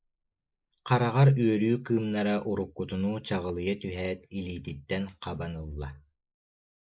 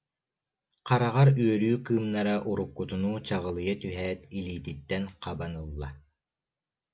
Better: second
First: noise reduction (neural mask model Resemble Enhance denoiser)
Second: none

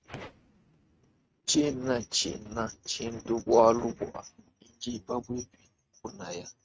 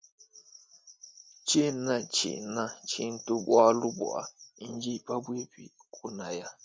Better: second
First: noise reduction (neural mask model RNNoise)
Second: none

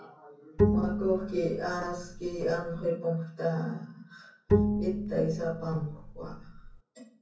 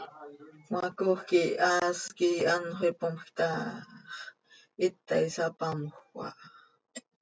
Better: second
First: background sound (Bowed string instrument); 2 dB above the speech // room echo; dies away in 0.6 s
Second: none

